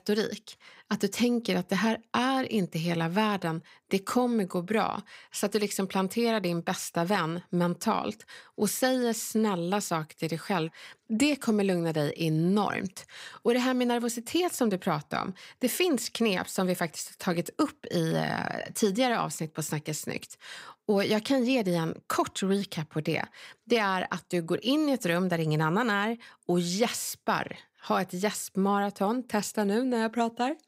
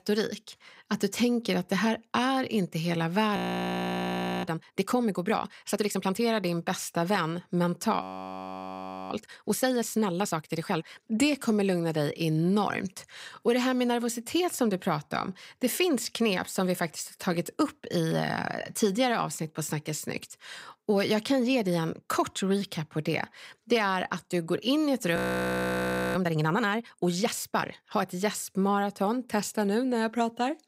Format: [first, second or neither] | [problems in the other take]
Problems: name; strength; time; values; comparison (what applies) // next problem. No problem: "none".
first | audio freezing; at 3.5 s for 1 s, at 8 s for 1 s and at 25 s for 1 s